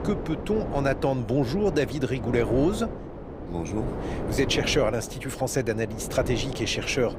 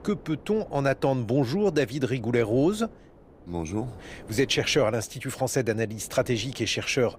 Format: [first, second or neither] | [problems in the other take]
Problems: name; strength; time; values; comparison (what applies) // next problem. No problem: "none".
second | wind noise on the microphone; heavy; 9 dB below the speech; occasional gusts in the second